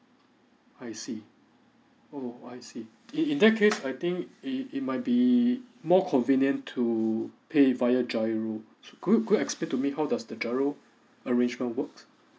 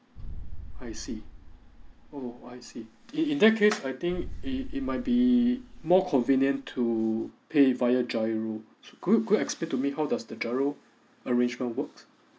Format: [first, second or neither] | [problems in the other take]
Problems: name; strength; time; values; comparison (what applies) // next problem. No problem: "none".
first | background sound (Boom); 11 dB below the speech